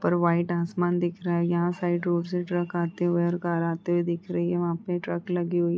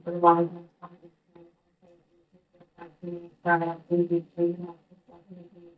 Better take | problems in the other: first | noise reduction (neural mask model DeepFilterNet 3)

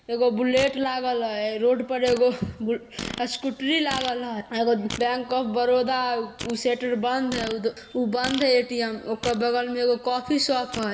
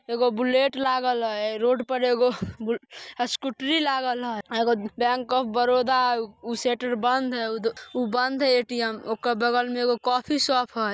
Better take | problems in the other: second | background sound (Fart); 15 dB below the speech // room echo; dies away in 1.3 s

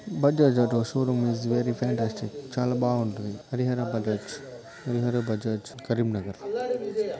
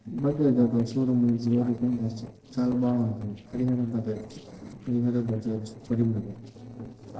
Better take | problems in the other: first | noise reduction (neural separator model SepFormer DNS4)

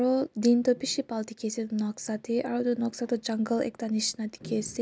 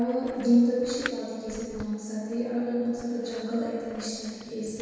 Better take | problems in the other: first | background sound (Scissors); 18 dB below the speech // room echo; dies away in 1.9 s

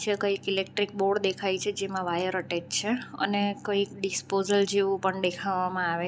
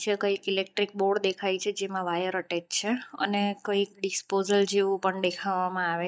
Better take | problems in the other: first | noise reduction (neural mask model DeepFilterNet 3)

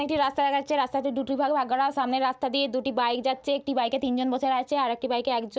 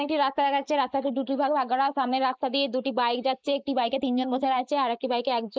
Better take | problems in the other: first | noise reduction (neural mask model Resemble Enhance denoiser)

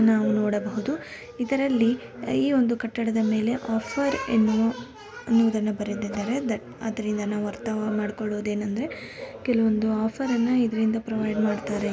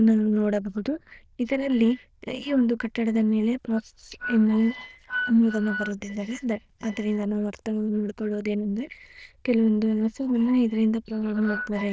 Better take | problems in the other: first | noise reduction (neural diffusion model UNIVERSE++)

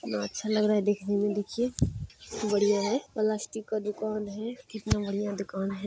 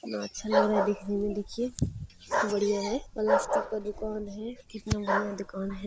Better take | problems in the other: first | background sound (Bark); 1 dB below the speech

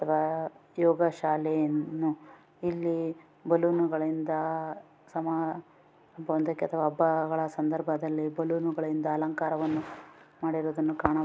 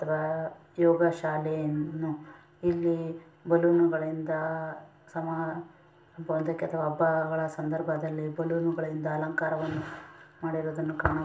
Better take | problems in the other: first | room echo; dies away in 0.4 s

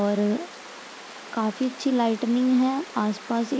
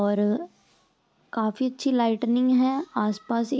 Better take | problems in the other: second | background sound (Water); 16 dB below the speech

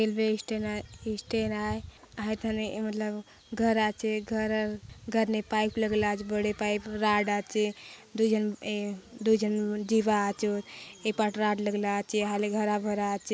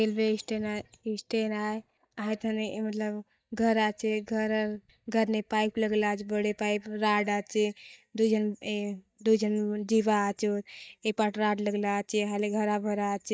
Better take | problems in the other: first | noise reduction (neural mask model DeepFilterNet 3)

